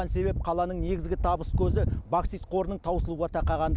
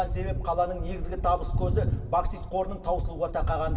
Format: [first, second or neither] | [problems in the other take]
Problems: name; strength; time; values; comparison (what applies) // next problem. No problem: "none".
first | room echo; dies away in 1.9 s